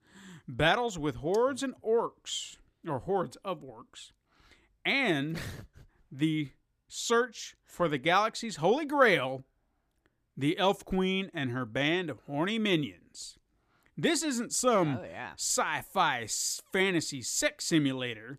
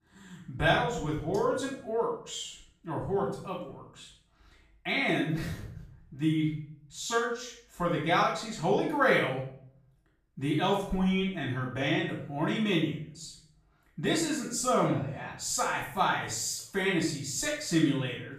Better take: first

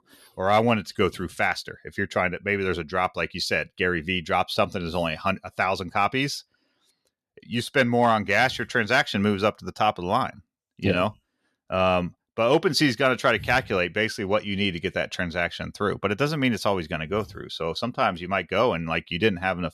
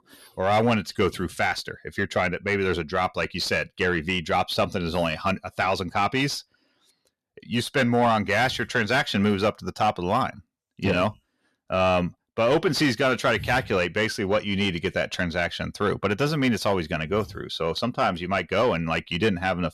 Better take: first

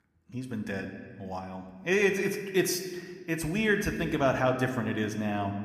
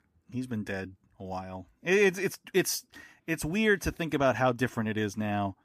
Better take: second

